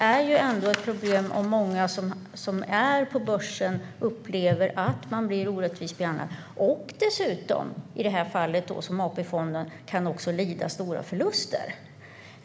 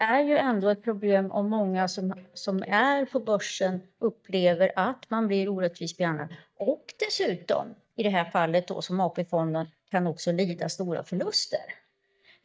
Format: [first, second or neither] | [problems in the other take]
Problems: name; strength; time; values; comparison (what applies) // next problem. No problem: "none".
first | noise reduction (neural mask model DeepFilterNet 3)